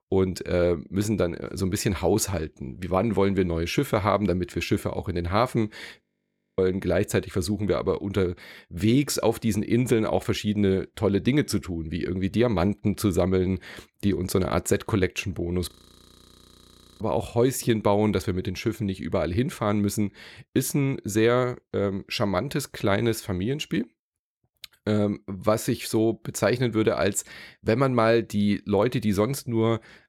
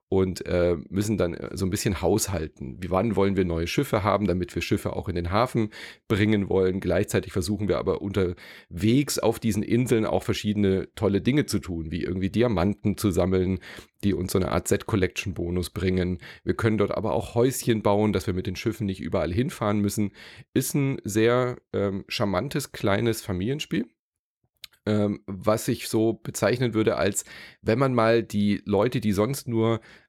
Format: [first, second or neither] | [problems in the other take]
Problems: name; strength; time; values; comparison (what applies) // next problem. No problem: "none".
second | audio freezing; at 6 s for 0.5 s and at 16 s for 1.5 s